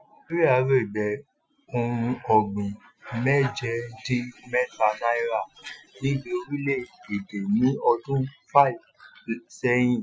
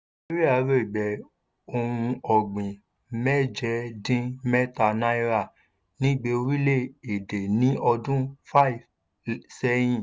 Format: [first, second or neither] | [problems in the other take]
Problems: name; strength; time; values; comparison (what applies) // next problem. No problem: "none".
second | noise reduction (classical method Wiener filter)